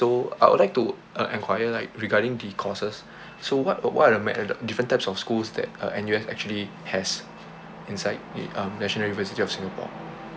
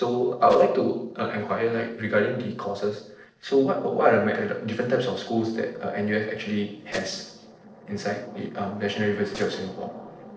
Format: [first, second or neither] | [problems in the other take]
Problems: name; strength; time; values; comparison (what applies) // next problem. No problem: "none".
first | noise reduction (neural separator model SepFormer DNS4)